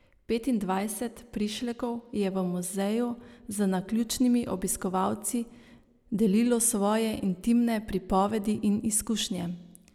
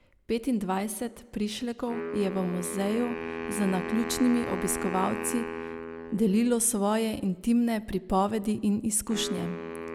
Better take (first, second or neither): first